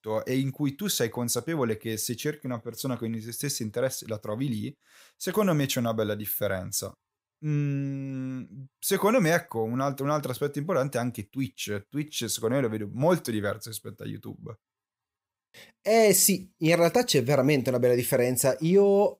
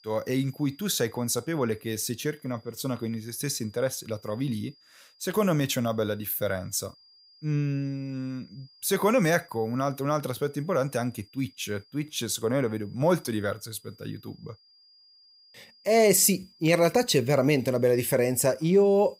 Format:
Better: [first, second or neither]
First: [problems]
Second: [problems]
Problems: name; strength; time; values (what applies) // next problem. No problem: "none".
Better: first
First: none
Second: high-pitched whine; faint; throughout; 5 kHz, 30 dB below the speech